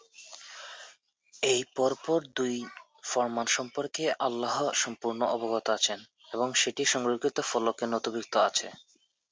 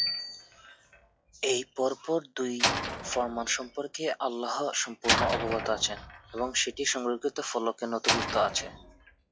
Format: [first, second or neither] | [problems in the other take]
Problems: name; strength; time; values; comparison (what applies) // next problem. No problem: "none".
first | noise reduction (classical method log-MMSE)